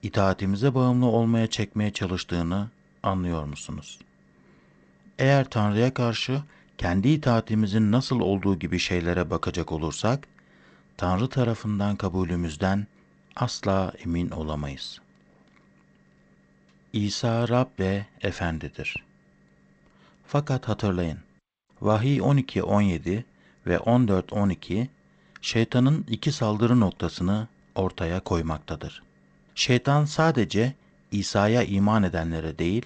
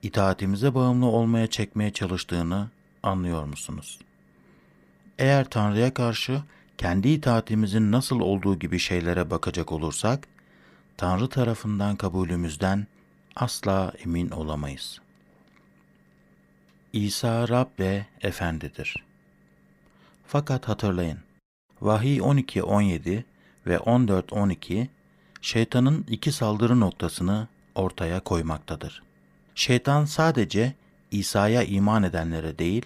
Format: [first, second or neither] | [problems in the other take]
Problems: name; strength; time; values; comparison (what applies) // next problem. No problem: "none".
second | garbled, watery; slightly; nothing above 8 kHz